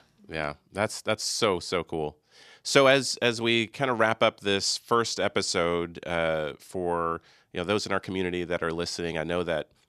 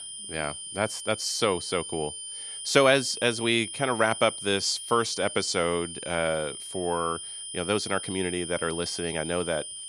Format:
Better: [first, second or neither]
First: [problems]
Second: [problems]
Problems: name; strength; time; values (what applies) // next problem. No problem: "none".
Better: first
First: none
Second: high-pitched whine; loud; throughout; 9.5 kHz, 8 dB below the speech